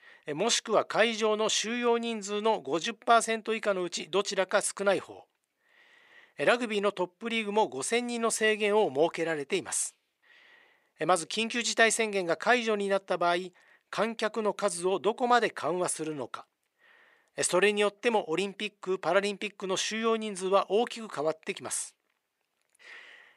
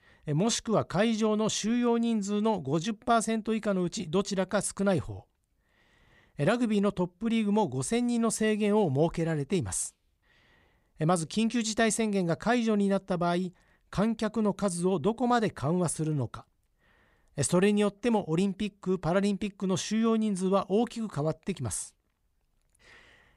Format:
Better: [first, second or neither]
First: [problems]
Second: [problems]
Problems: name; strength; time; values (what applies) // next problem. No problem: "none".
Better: second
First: thin; somewhat; fading below 450 Hz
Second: none